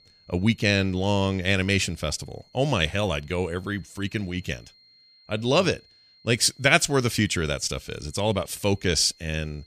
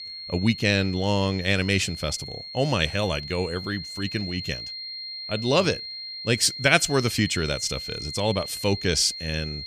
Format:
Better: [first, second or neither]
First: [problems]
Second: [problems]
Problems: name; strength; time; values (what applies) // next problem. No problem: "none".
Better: first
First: high-pitched whine; faint; throughout; 4 kHz, 30 dB below the speech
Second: high-pitched whine; loud; throughout; 4 kHz, 9 dB below the speech